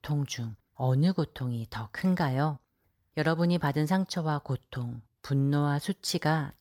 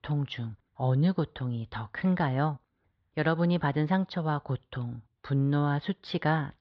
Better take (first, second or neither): first